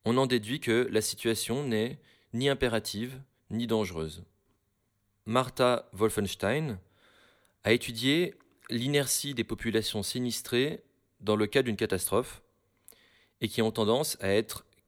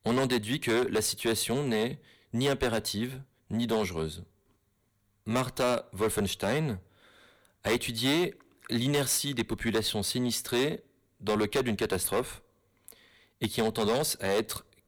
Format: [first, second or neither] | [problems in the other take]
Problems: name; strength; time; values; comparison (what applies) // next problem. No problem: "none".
first | distortion; heavy; 9% of the sound clipped